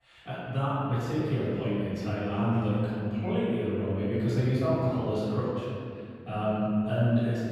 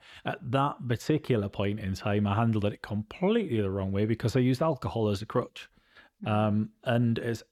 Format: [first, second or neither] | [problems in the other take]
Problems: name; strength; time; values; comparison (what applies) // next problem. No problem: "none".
second | off-mic speech; far // room echo; strong; dies away in 2.4 s